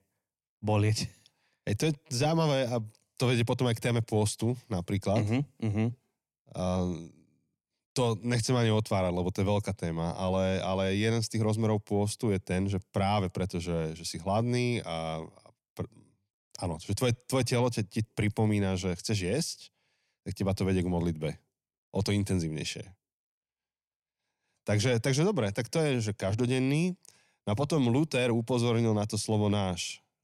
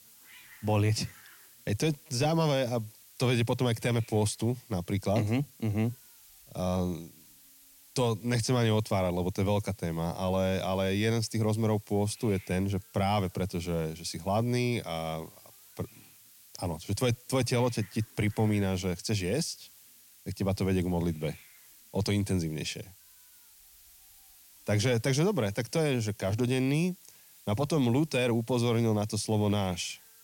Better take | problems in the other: first | hiss; faint; throughout; 25 dB below the speech

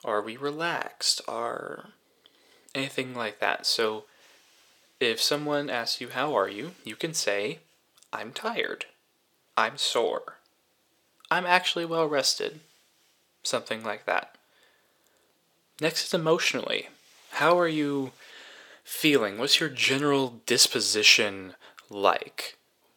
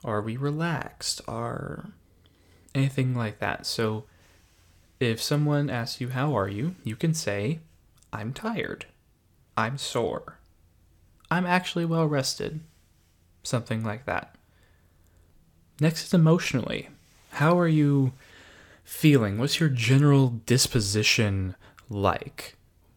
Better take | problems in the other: second | thin; somewhat; fading below 450 Hz

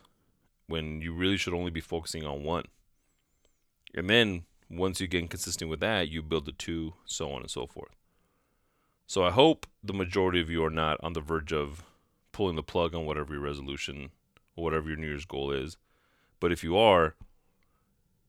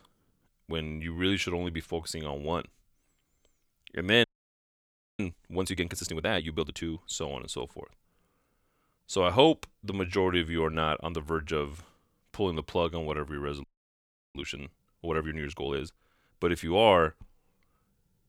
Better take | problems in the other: first | audio freezing; at 4 s for 1 s and at 14 s for 0.5 s

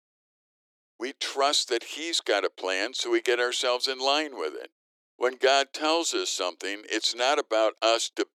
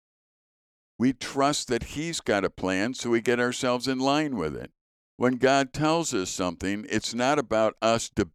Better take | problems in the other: second | thin; very; fading below 350 Hz

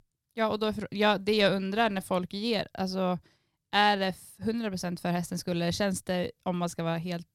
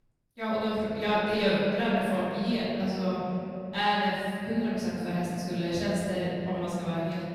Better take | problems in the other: first | room echo; strong; dies away in 3 s // off-mic speech; far

